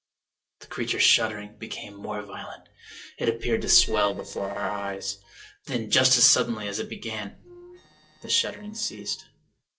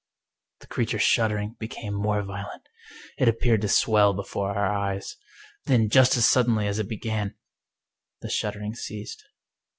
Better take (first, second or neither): second